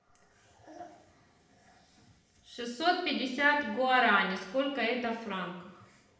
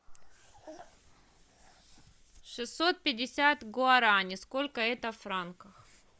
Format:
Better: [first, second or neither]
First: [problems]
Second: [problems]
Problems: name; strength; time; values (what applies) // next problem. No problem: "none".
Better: second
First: room echo; dies away in 0.8 s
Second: none